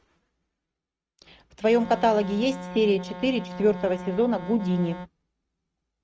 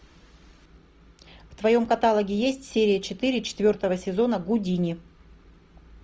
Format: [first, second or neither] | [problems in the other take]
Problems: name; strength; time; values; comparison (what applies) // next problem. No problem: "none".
second | noise reduction (neural mask model RNNoise)